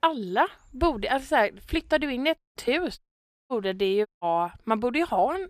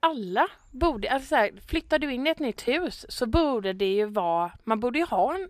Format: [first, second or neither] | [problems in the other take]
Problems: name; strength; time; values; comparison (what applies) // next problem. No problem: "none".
second | audio cutting out; at 2.5 s, at 3 s for 0.5 s and at 4 s